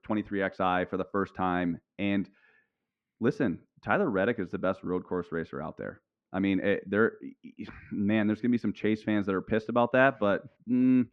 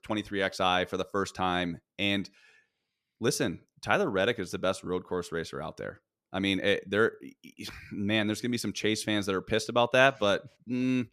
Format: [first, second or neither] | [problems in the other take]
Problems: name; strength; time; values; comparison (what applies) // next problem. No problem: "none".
second | muffled; very; fading above 1.5 kHz